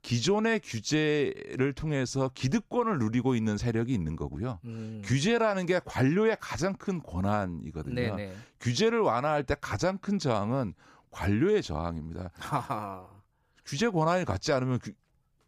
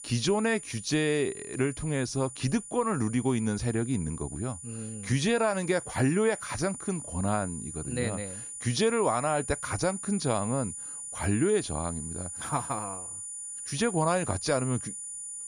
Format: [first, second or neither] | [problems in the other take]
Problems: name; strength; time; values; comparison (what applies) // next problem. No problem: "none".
first | high-pitched whine; loud; throughout; 9.5 kHz, 8 dB below the speech